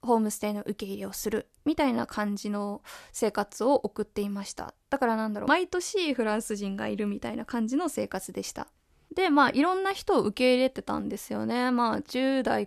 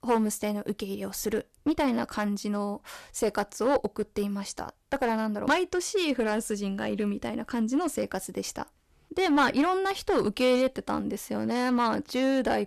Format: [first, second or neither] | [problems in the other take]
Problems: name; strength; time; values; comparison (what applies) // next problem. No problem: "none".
first | distortion; slight; 4% of the sound clipped